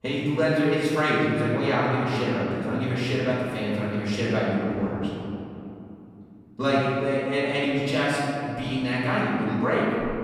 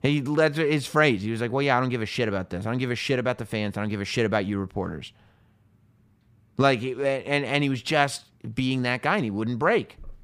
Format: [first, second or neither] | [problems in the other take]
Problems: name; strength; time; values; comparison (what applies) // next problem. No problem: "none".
second | off-mic speech; far // room echo; strong; dies away in 2.7 s